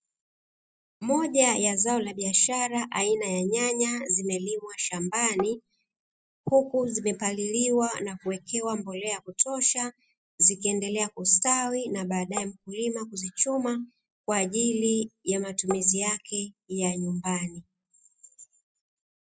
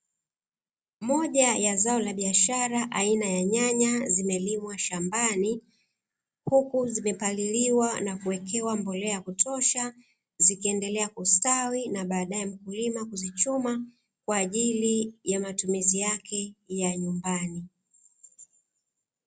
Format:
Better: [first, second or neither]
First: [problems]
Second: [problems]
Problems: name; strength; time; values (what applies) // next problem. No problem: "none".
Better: second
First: noise reduction (classical method spectral subtraction)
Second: none